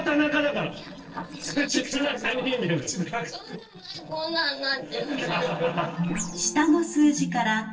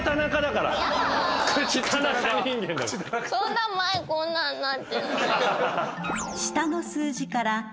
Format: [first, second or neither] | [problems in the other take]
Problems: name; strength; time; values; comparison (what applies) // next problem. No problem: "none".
second | noise reduction (neural separator model SepFormer DNS4)